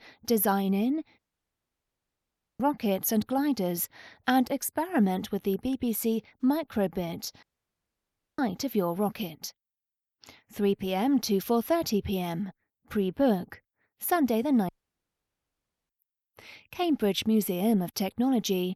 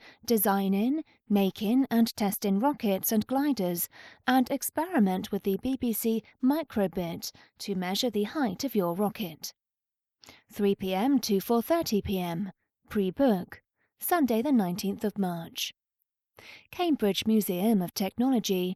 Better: second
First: audio cutting out; at 1 s for 1.5 s, at 7.5 s for 1 s and at 15 s for 1 s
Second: none

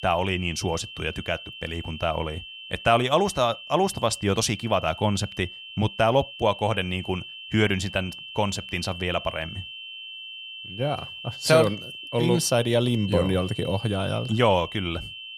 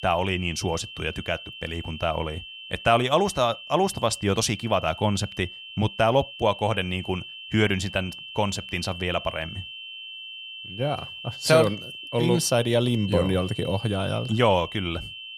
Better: neither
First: high-pitched whine; noticeable; throughout; 3 kHz, 10 dB below the speech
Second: high-pitched whine; noticeable; throughout; 3 kHz, 10 dB below the speech

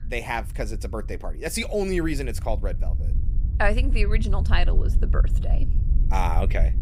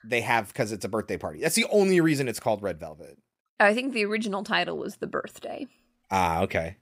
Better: second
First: wind noise on the microphone; occasional gusts; 15 dB below the speech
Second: none

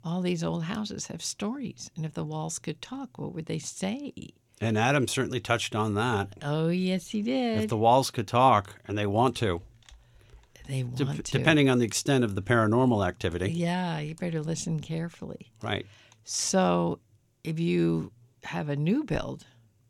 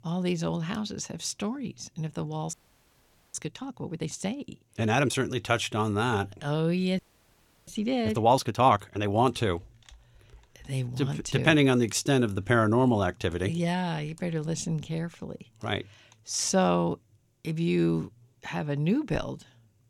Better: first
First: none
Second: audio freezing; at 2.5 s for 1 s and at 7 s for 0.5 s

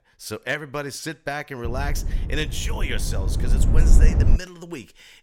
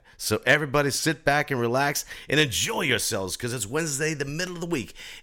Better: second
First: low rumble; loud; from 1.5 to 4.5 s; 7 dB below the speech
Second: none

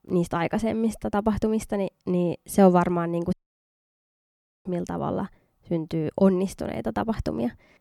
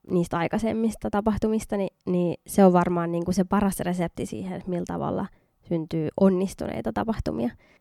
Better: second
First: audio cutting out; at 3.5 s for 1.5 s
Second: none

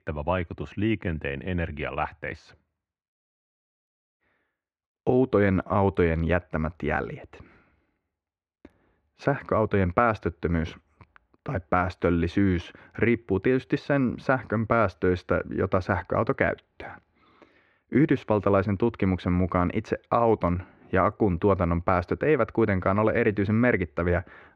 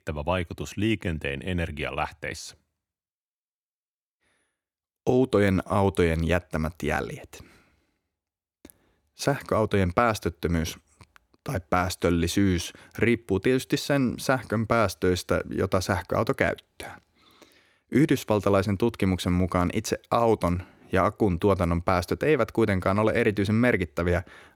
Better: second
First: muffled; very; fading above 2 kHz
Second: none

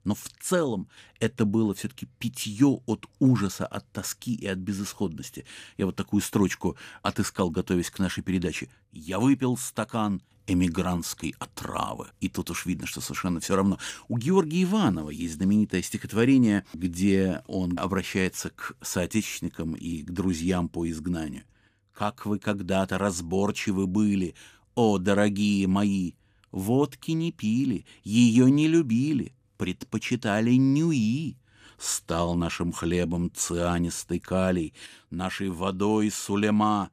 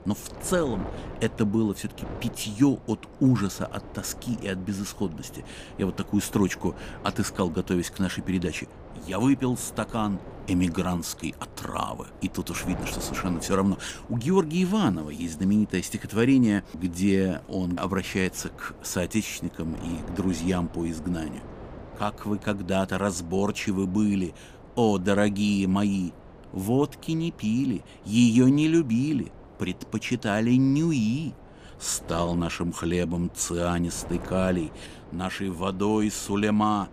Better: first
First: none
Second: wind noise on the microphone; occasional gusts; 15 dB below the speech

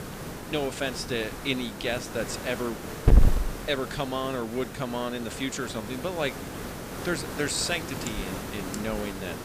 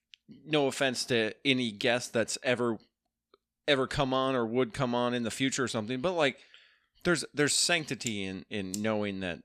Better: second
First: hiss; loud; throughout; 2 dB below the speech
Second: none

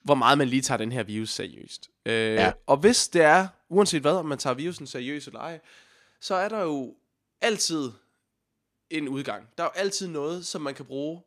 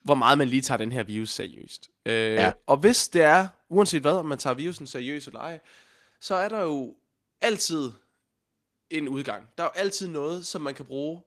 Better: first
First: none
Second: garbled, watery; slightly; nothing above 14.5 kHz

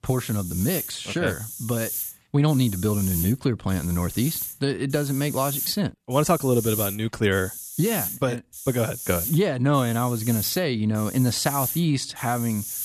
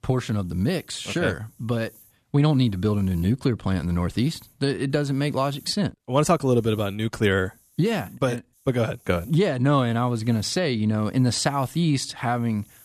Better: second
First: hiss; loud; throughout; 7 dB below the speech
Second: hiss; faint; throughout; 30 dB below the speech

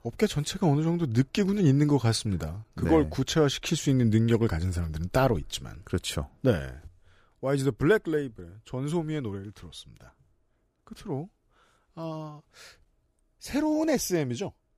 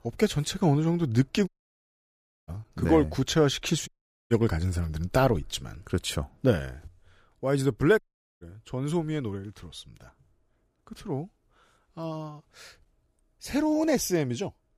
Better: first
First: none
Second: audio cutting out; at 1.5 s for 1 s, at 4 s and at 8 s

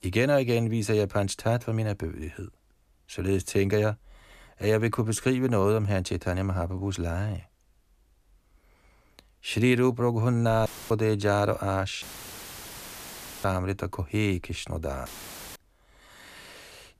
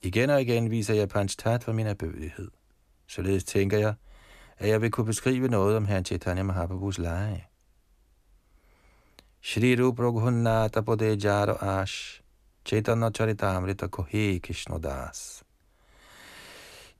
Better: second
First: audio cutting out; filled with static; at 11 s, at 12 s for 1.5 s and at 15 s for 0.5 s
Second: none

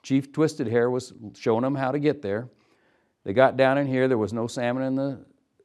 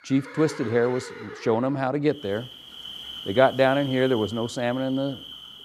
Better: first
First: none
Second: animal sounds; noticeable; throughout; 15 dB below the speech

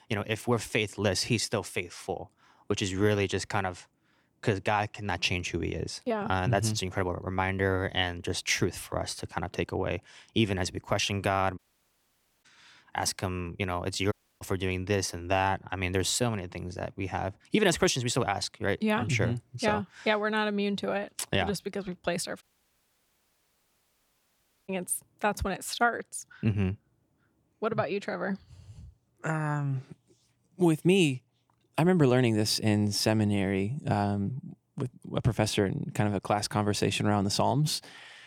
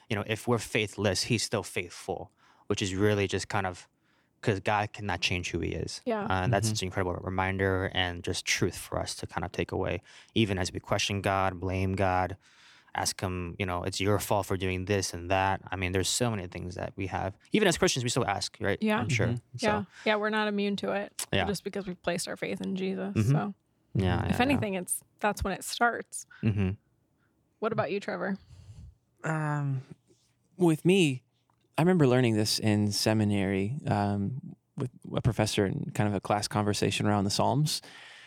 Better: second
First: audio cutting out; at 12 s for 1 s, at 14 s and at 22 s for 2.5 s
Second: none

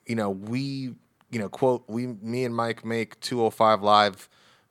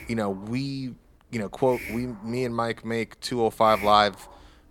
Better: first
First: none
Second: hiss; noticeable; throughout; 15 dB below the speech

